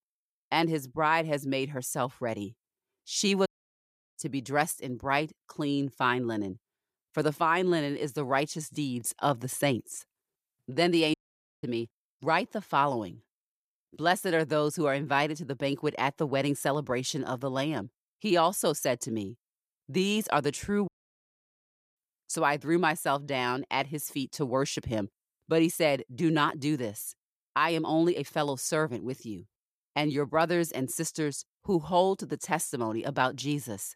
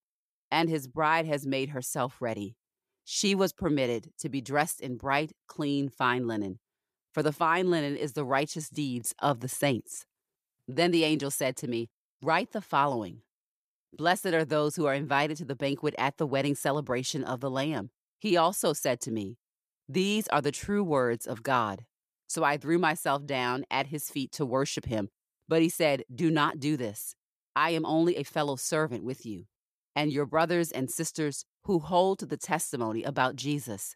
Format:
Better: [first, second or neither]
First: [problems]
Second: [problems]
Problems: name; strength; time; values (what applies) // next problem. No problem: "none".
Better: second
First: audio cutting out; at 3.5 s for 0.5 s, at 11 s and at 21 s for 1 s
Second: none